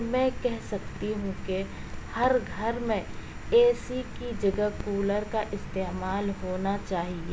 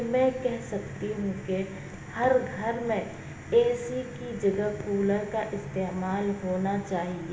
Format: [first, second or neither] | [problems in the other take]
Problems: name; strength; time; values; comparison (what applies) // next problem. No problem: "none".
first | room echo; dies away in 1 s